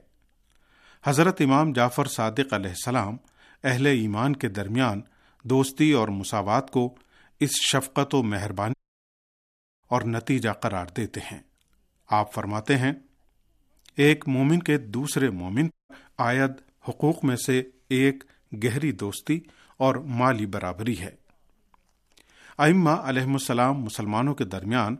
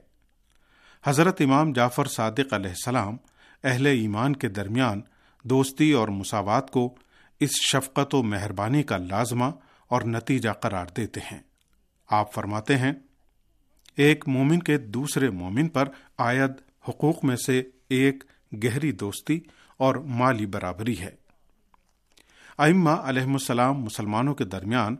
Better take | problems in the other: second | audio cutting out; at 8.5 s for 1 s and at 16 s

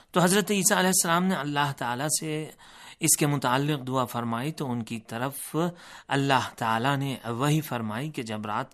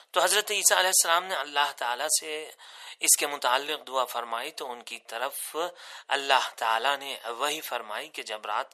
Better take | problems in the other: first | thin; very; fading below 500 Hz

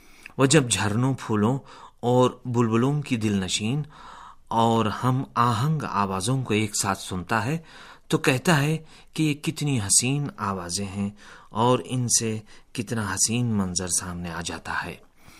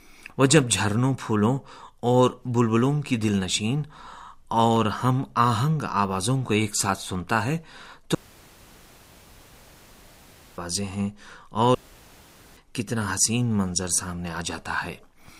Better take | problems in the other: first | audio cutting out; at 8 s for 2.5 s and at 12 s for 1 s

